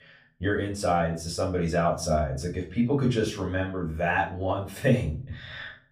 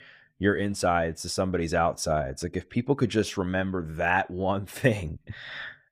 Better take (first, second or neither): second